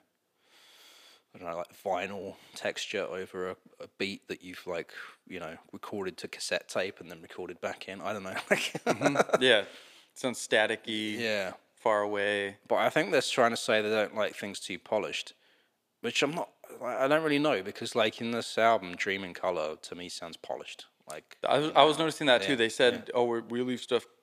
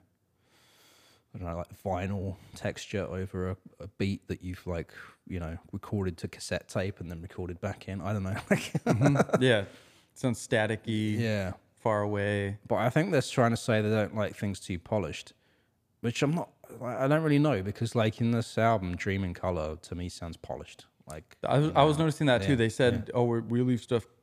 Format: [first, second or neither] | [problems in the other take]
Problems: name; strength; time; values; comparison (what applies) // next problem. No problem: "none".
second | thin; somewhat; fading below 350 Hz